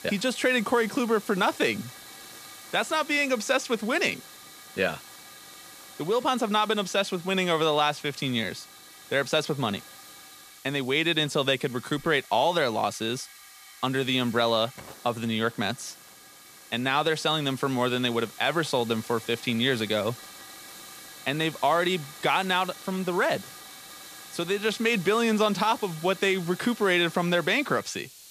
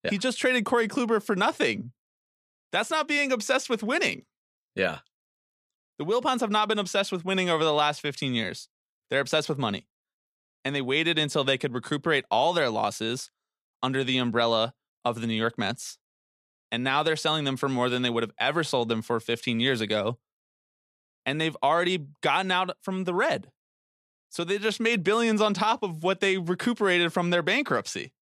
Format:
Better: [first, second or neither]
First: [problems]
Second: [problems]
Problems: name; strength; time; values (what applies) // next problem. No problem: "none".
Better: second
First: hiss; noticeable; throughout; 20 dB below the speech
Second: none